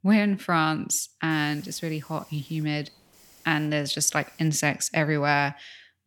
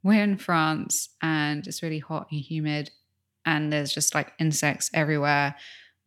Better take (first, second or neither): second